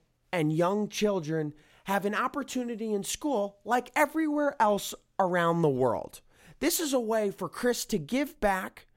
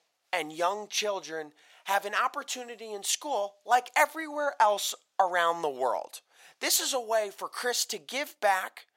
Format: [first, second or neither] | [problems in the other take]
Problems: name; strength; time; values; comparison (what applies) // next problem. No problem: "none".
first | thin; very; fading below 700 Hz